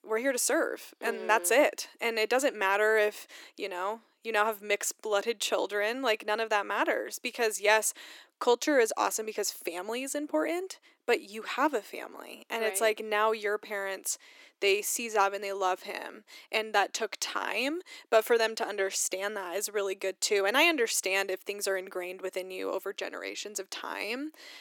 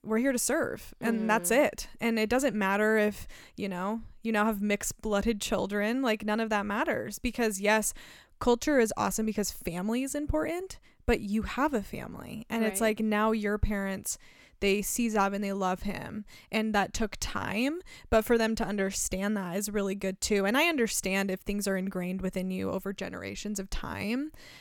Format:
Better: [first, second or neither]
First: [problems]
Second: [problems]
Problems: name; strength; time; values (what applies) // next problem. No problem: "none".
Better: second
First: thin; somewhat; fading below 300 Hz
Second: none